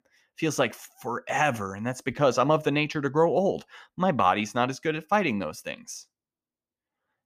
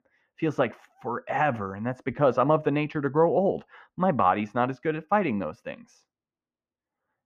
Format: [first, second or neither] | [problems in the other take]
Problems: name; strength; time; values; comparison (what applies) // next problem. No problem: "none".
first | muffled; very; fading above 4 kHz